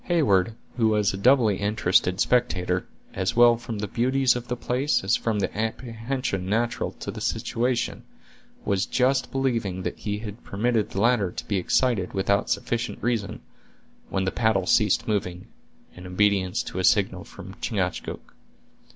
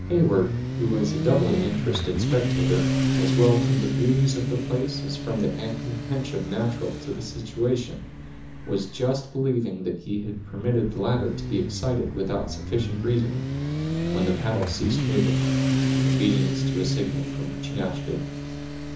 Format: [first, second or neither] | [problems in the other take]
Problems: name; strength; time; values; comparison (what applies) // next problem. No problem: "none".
first | background sound (Motorcycle); as loud as the speech // room echo; dies away in 0.6 s